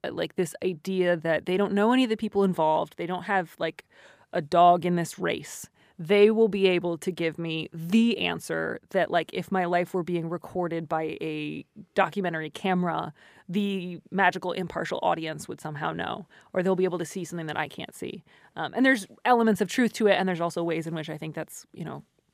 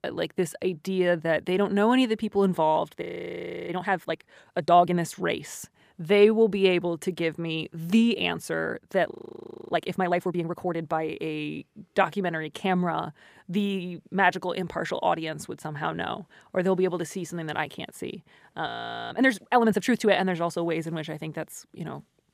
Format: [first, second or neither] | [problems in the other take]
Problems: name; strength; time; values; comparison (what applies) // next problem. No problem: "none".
first | audio freezing; at 3 s for 0.5 s, at 9 s for 0.5 s and at 19 s